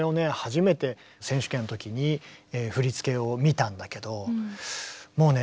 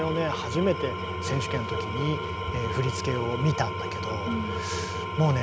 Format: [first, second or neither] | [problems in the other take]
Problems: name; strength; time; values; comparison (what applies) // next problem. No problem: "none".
first | background sound (Engine / Tools); 2 dB below the speech